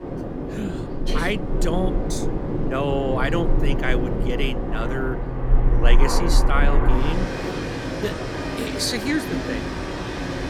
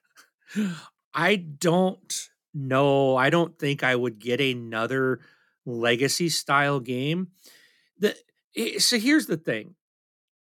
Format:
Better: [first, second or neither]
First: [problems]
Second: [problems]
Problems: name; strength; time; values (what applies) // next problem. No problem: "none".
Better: second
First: train or aircraft noise; very loud; throughout; 2 dB above the speech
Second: none